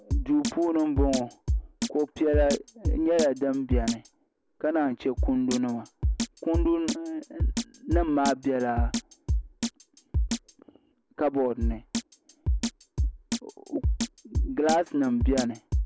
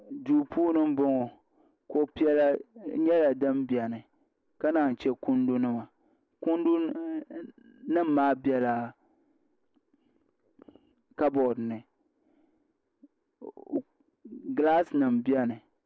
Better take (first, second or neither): second